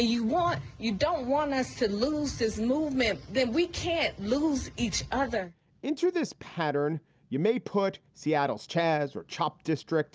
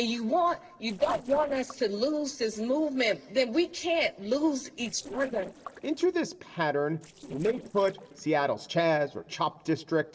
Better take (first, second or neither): first